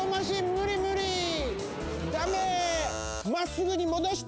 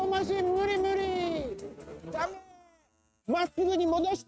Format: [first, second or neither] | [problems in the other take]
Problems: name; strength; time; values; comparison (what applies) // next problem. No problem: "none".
first | noise reduction (neural mask model RNNoise)